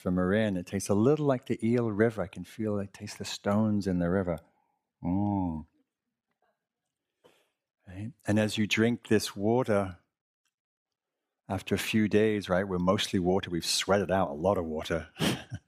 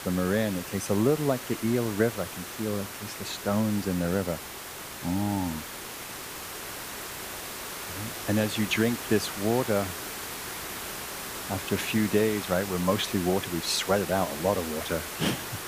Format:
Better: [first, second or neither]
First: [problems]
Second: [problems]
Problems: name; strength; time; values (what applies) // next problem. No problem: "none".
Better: first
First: none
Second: hiss; loud; throughout; 7 dB below the speech